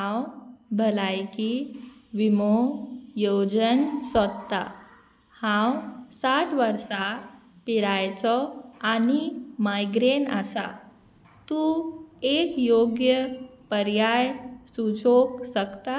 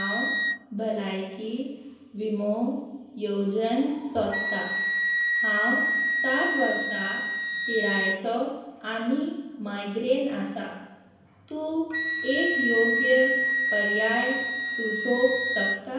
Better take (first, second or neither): first